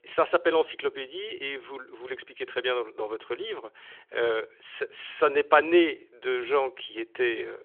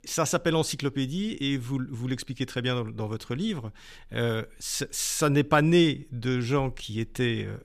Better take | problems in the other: second | phone-call audio; nothing above 3.5 kHz

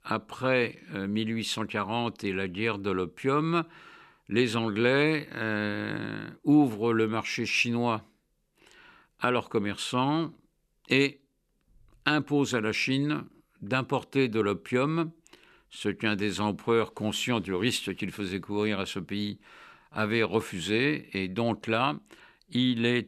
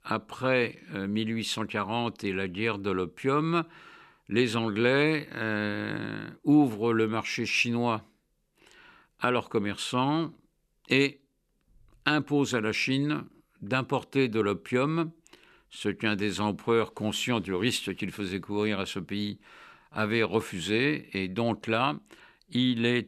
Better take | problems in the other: neither | none

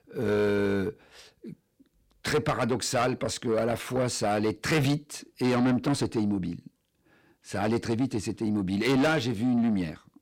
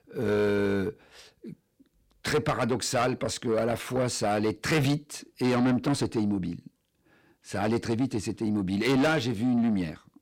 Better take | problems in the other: neither | distortion; heavy; 8 dB below the speech; the same in both

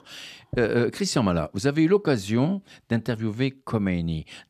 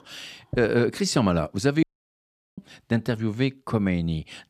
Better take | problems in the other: first | audio cutting out; at 2 s for 1 s

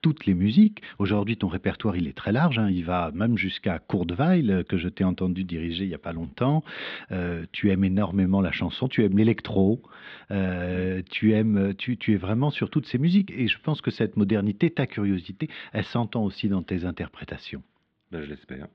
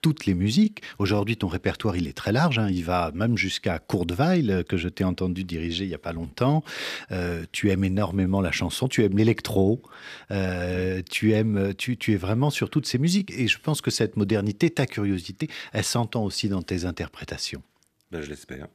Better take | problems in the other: second | muffled; slightly; fading above 3.5 kHz

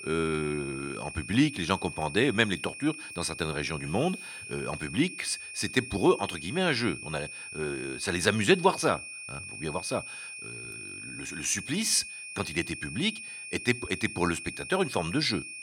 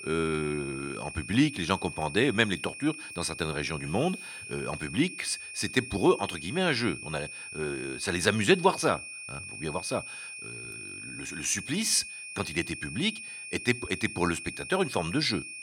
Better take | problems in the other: neither | high-pitched whine; loud; throughout; 2.5 kHz, 10 dB below the speech; the same in both

